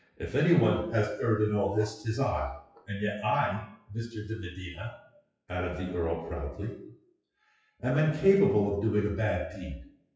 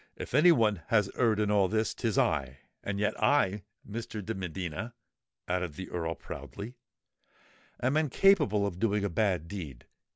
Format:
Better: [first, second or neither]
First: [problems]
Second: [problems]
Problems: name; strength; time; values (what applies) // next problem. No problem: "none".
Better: second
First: noise reduction (classical method WPE with log-MMSE)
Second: none